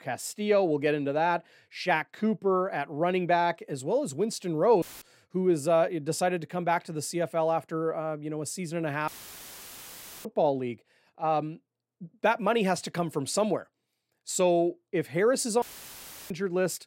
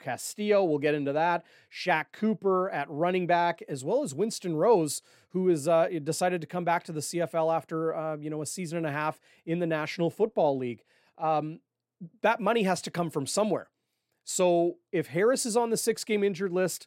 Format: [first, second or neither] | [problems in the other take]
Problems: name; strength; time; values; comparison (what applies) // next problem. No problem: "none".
second | audio cutting out; filled with static; at 5 s, at 9 s for 1 s and at 16 s for 0.5 s